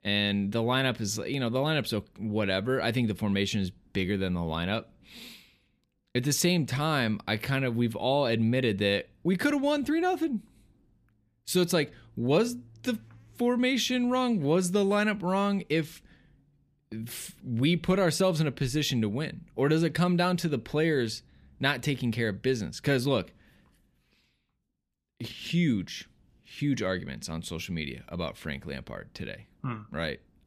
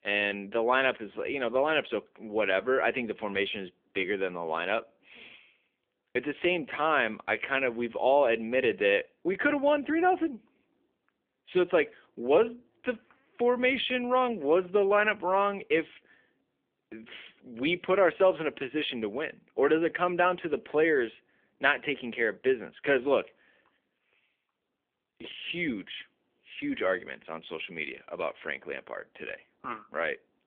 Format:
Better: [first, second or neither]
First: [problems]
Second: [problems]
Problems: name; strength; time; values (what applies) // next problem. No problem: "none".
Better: first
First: none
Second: phone-call audio; nothing above 3.5 kHz